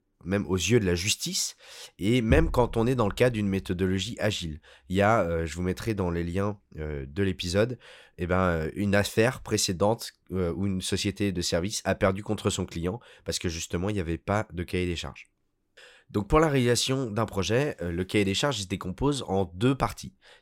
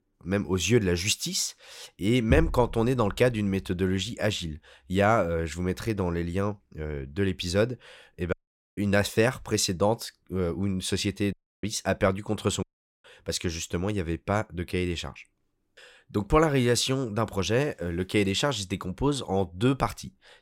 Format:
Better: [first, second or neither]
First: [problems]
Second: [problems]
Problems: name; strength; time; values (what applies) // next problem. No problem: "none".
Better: first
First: none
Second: audio cutting out; at 8.5 s, at 11 s and at 13 s